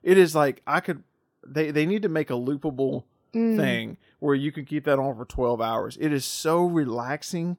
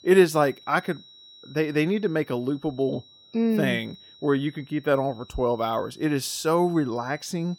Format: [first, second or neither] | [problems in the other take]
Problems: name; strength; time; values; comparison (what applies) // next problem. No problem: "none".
first | high-pitched whine; faint; throughout; 4 kHz, 25 dB below the speech